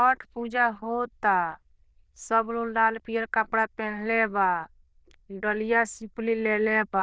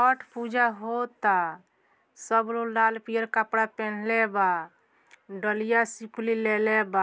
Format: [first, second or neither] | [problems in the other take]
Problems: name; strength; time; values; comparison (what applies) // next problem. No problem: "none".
second | noise reduction (neural diffusion model UNIVERSE++)